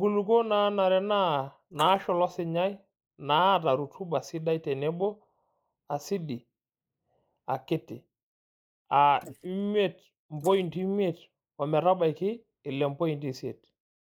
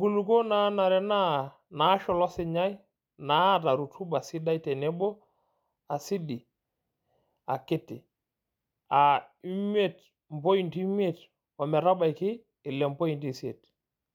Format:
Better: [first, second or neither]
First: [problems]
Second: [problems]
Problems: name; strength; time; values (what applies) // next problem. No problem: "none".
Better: second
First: noise reduction (neural mask model Resemble Enhance denoiser)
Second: none